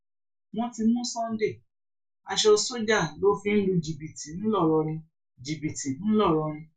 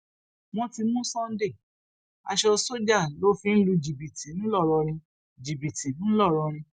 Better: second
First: room echo; dies away in 0.2 s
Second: none

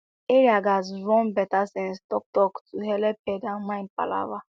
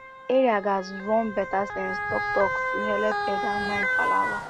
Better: first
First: none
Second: background sound (Motor vehicle (road) / Siren); 1 dB below the speech

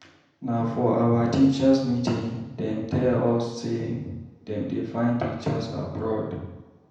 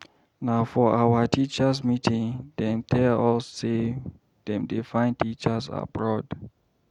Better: second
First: room echo; dies away in 0.9 s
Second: none

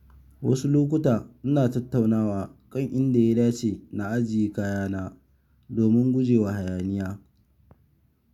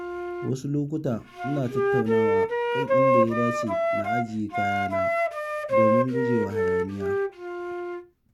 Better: first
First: none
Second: background sound (Wind instrument, woodwind instrument); 4 dB above the speech

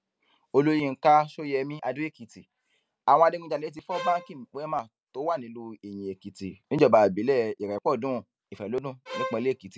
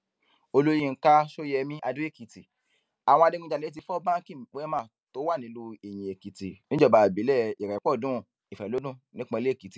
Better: second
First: background sound (Bowed string instrument); 9 dB below the speech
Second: none

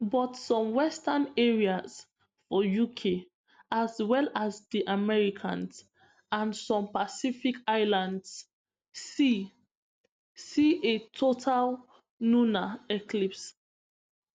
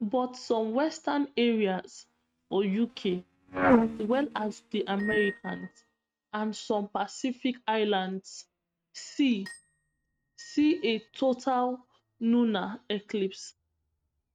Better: first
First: none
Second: noise reduction (neural mask model RNNoise)

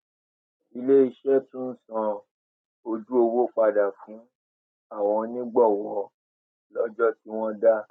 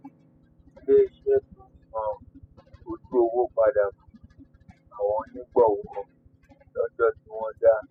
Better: first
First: none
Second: noise reduction (classical method spectral subtraction)

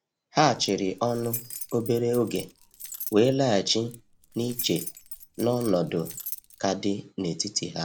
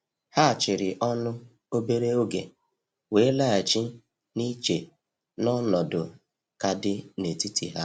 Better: second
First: background sound (Keys jangling); 13 dB below the speech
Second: none

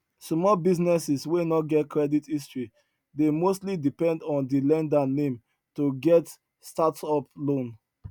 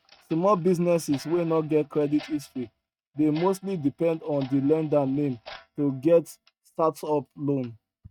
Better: first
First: none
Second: noise reduction (neural mask model RNNoise)

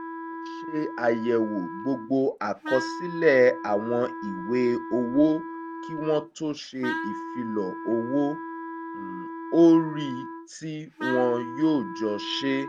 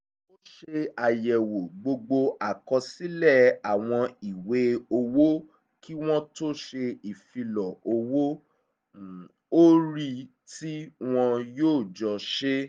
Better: second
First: background sound (Wind instrument, woodwind instrument); 10 dB below the speech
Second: none

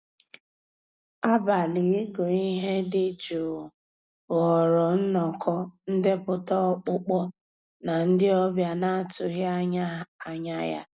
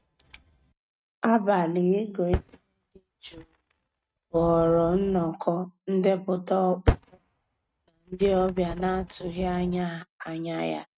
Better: first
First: none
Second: noise reduction (neural mask model RNNoise)

